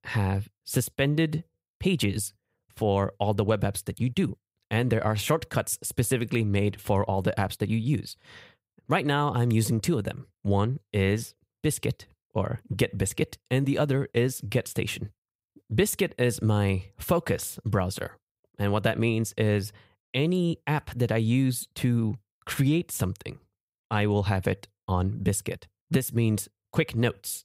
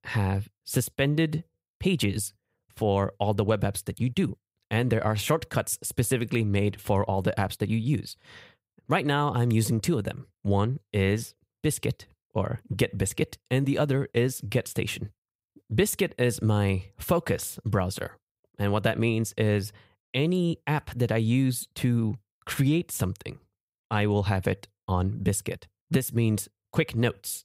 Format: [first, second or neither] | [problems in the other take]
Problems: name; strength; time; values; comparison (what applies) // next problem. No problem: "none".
neither | none